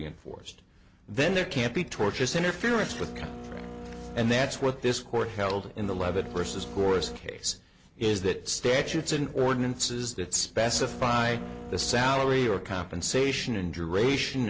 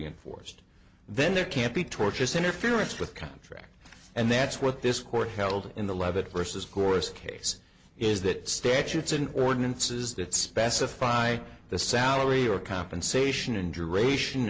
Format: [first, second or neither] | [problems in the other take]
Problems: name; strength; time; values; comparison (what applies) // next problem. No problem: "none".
second | background sound (Printer); 11 dB below the speech